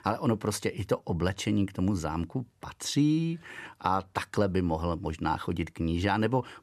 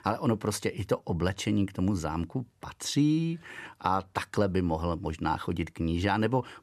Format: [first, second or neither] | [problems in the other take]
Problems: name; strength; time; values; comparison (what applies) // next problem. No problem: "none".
neither | none